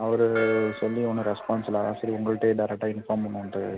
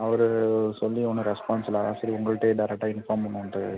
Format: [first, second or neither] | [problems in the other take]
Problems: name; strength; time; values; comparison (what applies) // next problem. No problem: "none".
second | background sound (Gong); 14 dB below the speech